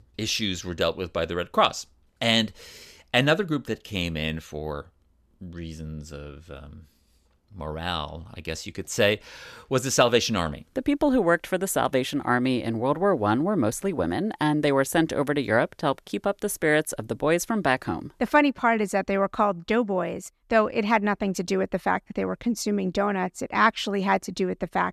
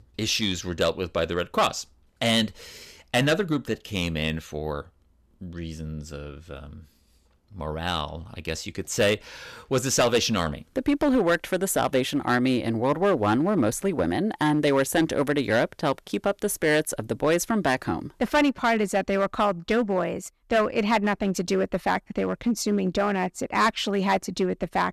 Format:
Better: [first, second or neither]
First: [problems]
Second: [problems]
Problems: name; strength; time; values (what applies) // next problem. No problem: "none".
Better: first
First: none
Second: distortion; slight; 4% of the sound clipped